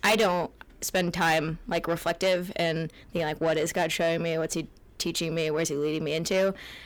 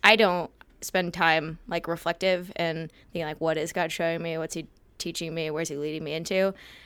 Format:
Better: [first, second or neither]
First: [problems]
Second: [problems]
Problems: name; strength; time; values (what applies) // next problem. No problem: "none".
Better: second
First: distortion; heavy; 6 dB below the speech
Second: none